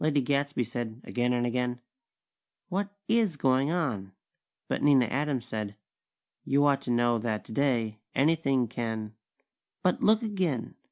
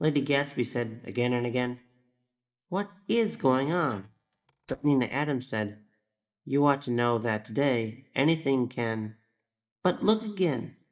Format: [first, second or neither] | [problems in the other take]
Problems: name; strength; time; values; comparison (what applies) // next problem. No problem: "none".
first | noise reduction (neural mask model DeepFilterNet 3)